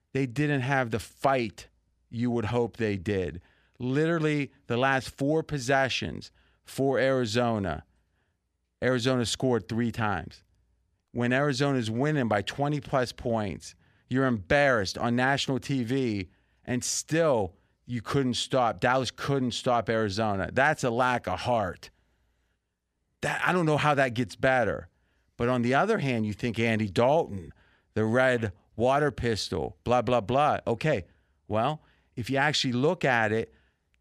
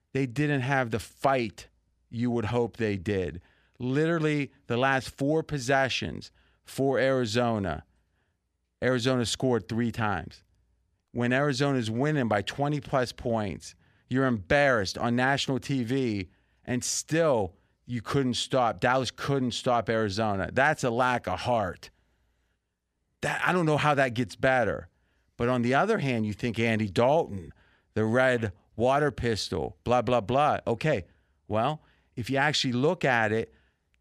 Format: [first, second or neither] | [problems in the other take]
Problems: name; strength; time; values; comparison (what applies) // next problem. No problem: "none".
neither | none